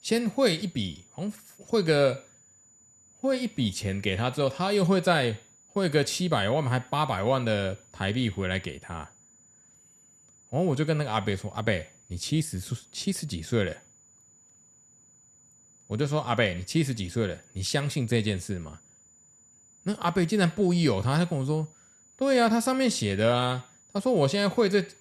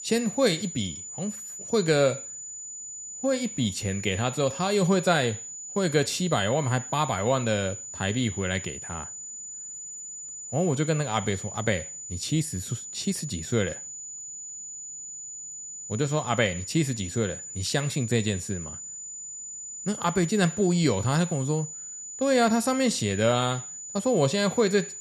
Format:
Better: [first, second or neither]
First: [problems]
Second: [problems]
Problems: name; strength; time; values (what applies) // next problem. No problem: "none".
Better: first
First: high-pitched whine; faint; throughout; 7 kHz, 30 dB below the speech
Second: high-pitched whine; loud; throughout; 7 kHz, 9 dB below the speech